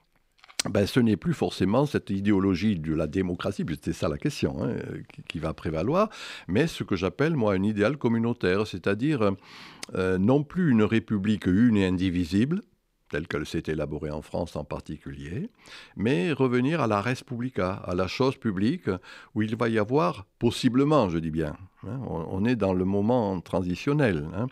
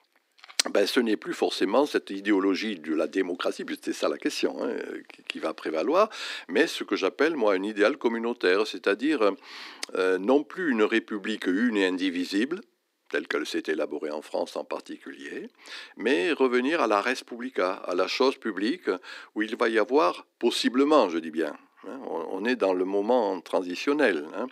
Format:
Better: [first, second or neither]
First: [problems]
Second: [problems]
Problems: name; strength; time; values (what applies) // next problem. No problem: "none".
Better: first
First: none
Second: thin; somewhat; fading below 250 Hz